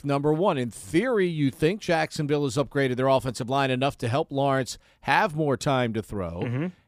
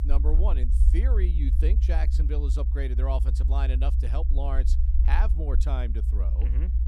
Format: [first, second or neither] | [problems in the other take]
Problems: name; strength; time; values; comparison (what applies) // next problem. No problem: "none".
first | low rumble; loud; throughout; 7 dB below the speech